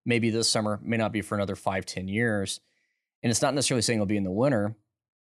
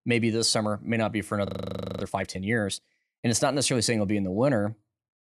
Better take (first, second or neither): first